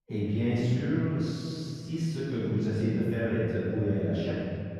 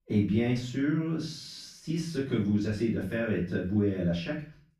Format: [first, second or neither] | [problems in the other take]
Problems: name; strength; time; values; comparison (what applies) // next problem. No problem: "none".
second | room echo; strong; dies away in 2.7 s; slight in the second // off-mic speech; far; far in the second